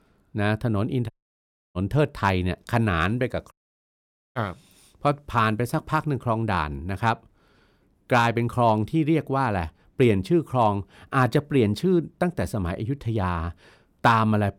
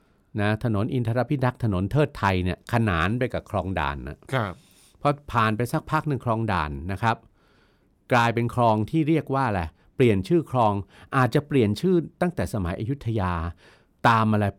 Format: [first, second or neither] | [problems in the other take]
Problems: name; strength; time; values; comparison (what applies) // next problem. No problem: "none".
second | audio cutting out; at 1 s for 0.5 s and at 3.5 s for 1 s